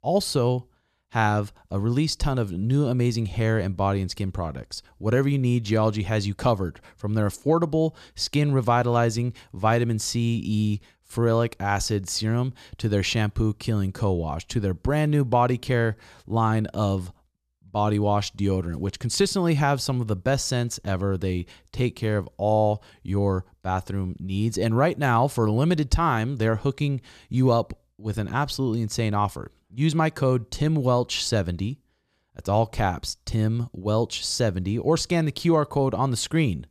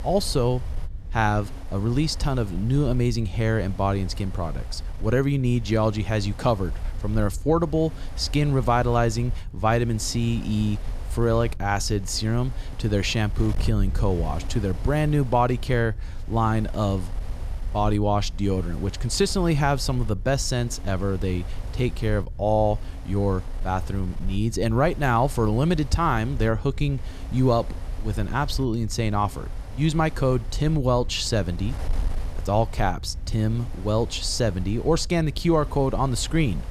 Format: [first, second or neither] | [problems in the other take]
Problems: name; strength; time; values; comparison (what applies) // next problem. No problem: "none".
first | wind noise on the microphone; occasional gusts; 20 dB below the speech